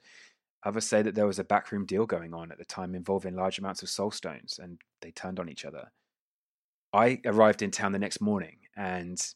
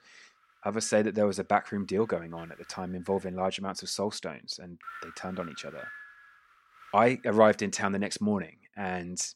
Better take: first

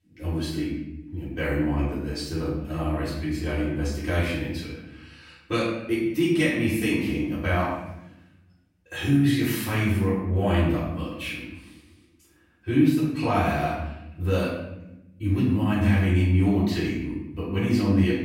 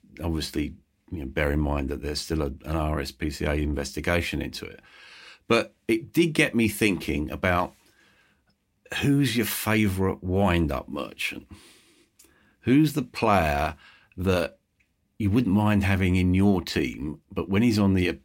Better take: second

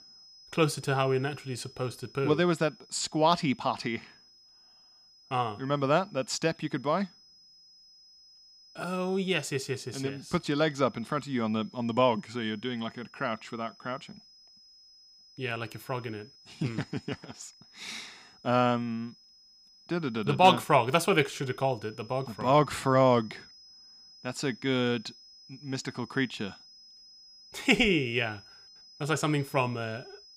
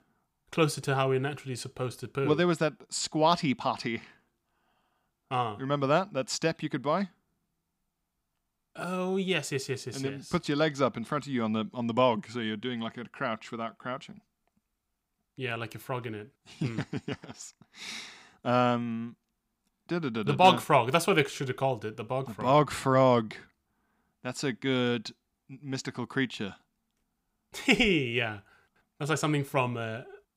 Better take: second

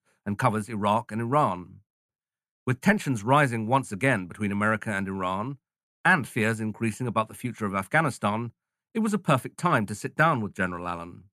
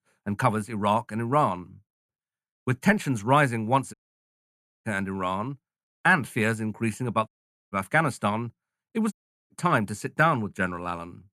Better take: first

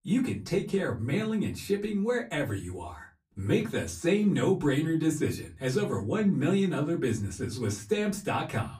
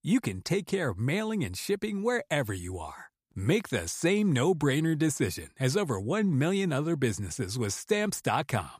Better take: second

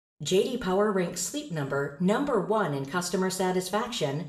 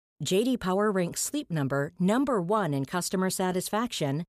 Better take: second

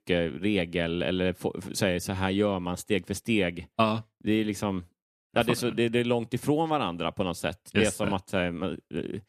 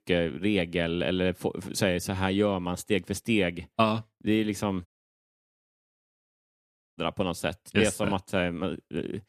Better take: first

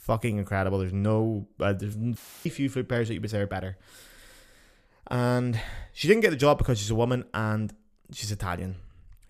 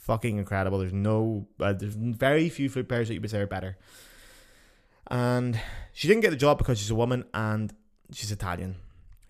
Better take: second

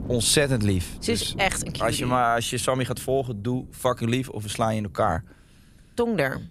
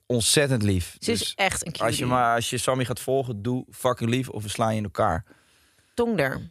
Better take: second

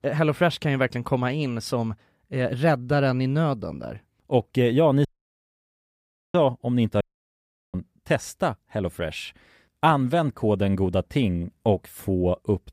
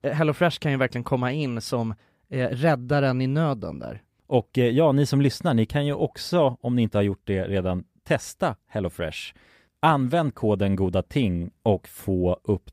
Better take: second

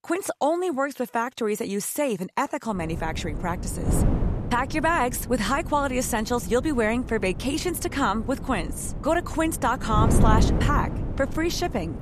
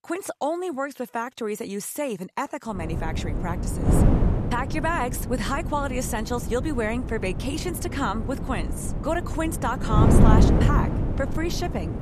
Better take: first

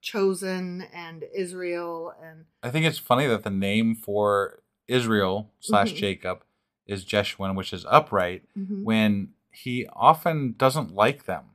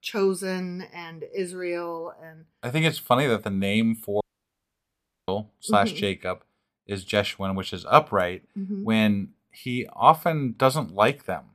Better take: first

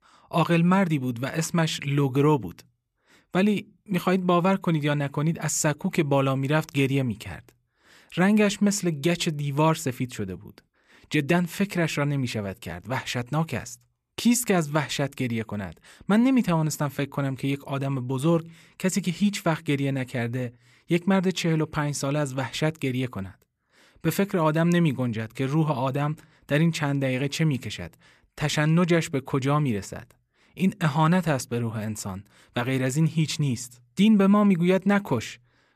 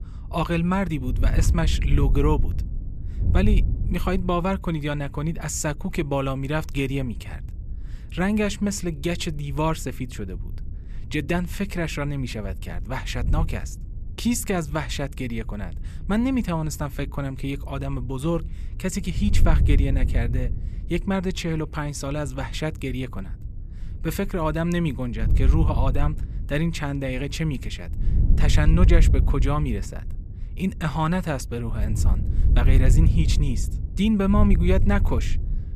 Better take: first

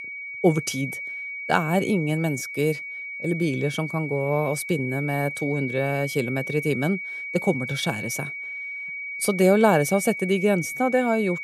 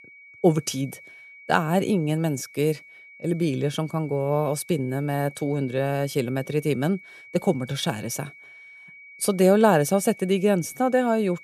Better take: second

